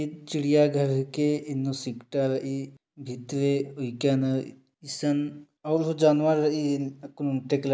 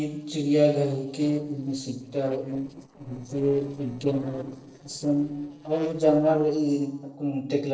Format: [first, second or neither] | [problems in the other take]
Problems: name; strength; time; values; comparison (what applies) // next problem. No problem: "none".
first | noise reduction (neural separator model SepFormer DNS4)